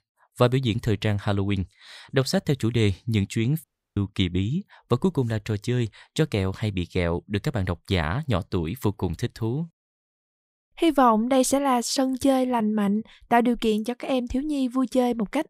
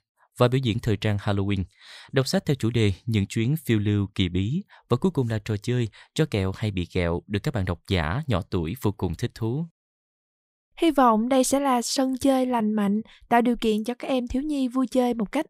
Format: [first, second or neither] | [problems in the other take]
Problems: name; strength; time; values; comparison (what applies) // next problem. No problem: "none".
second | audio cutting out; at 3.5 s